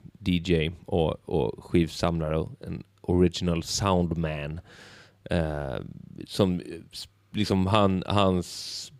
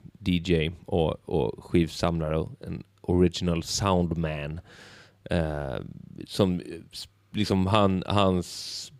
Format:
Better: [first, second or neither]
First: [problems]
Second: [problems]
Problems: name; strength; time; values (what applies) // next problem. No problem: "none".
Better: neither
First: none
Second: none